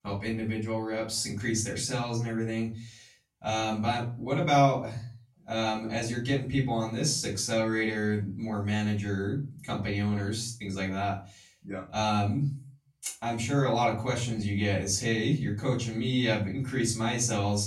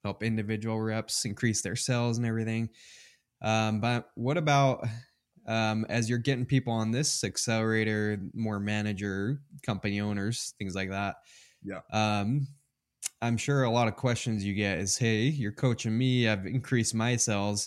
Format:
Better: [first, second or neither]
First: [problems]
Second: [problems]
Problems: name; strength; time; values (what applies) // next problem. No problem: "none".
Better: second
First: off-mic speech; far // room echo; slight; dies away in 0.3 s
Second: none